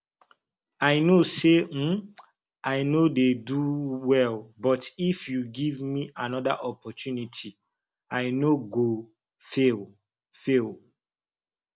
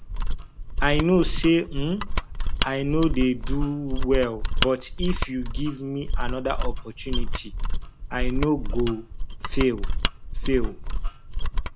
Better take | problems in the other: first | background sound (Mechanisms); 2 dB above the speech

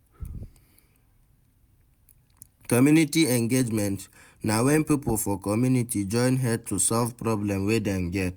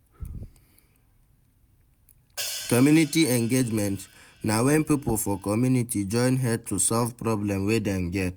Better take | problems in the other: first | background sound (Hi-hat); 15 dB below the speech

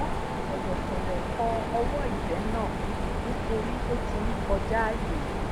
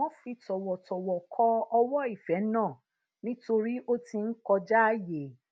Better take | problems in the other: second | background sound (Mechanisms); 4 dB above the speech

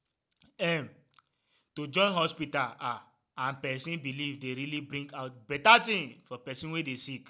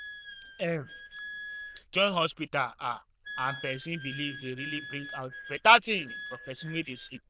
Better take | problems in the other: first | noise reduction (neural diffusion model UNIVERSE++)

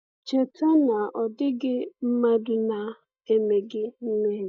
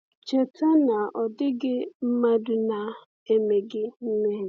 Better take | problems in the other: second | noise reduction (neural mask model DeepFilterNet 3)

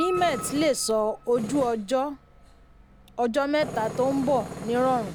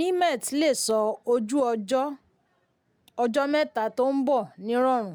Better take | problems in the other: second | background sound (Tools + Piano); 12 dB below the speech

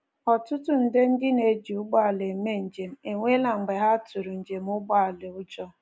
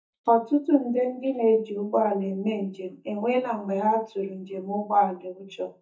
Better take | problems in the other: first | noise reduction (neural mask model DeepFilterNet 3)

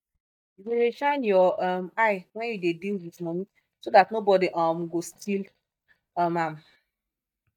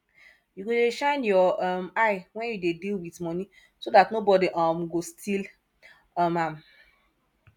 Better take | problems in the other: second | noise reduction (neural mask model DeepFilterNet 3)

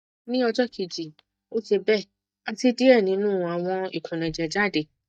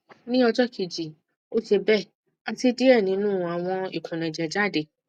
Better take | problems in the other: second | noise reduction (neural mask model DeepFilterNet 3)

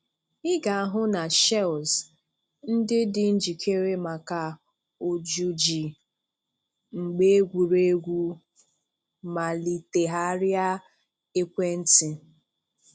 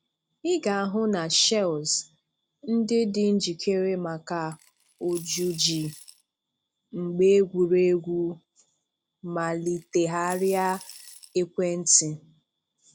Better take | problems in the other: first | background sound (Coin (dropping) / Glass); 20 dB below the speech

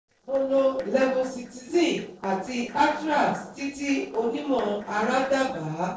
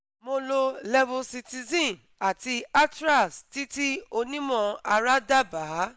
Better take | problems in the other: second | noise reduction (neural separator model SepFormer DNS4)

